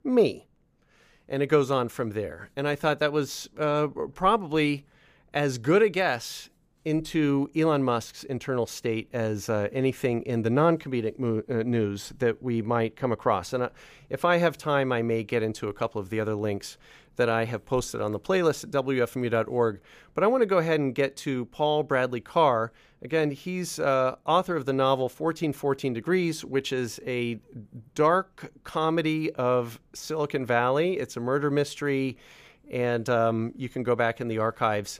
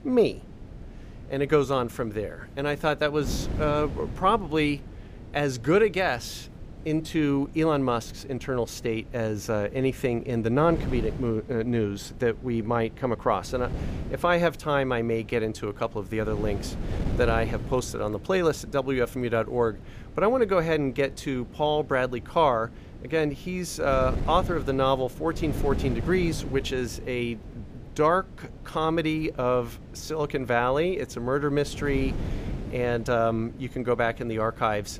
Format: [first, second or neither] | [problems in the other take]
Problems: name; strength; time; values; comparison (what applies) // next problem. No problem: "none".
first | wind noise on the microphone; occasional gusts; 20 dB below the speech